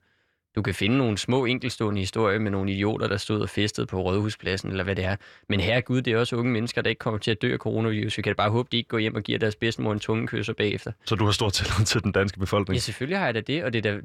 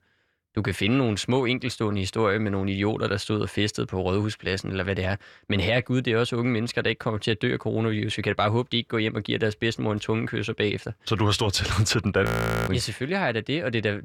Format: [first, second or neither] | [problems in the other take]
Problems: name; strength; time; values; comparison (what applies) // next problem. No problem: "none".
first | audio freezing; at 12 s